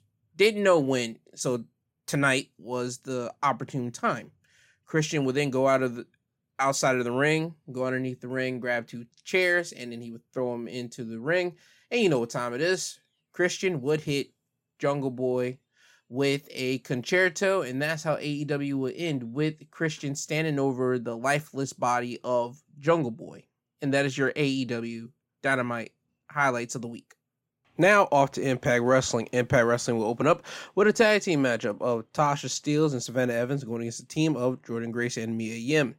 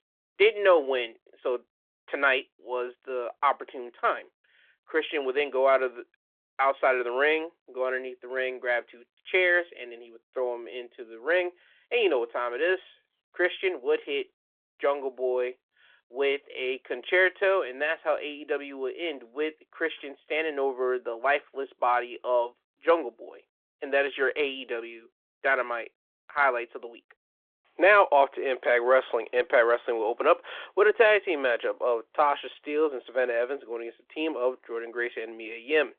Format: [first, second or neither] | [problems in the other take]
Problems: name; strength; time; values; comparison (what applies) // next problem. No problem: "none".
first | phone-call audio; nothing above 3.5 kHz